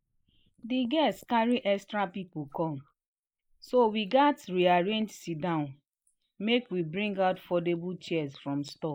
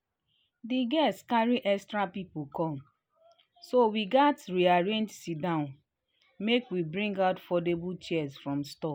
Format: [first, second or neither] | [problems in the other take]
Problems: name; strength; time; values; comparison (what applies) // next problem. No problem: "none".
second | noise reduction (neural mask model Resemble Enhance denoiser)